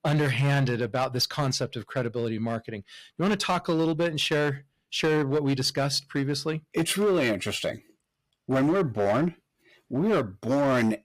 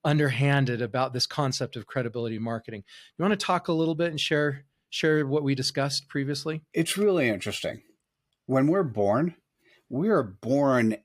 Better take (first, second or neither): second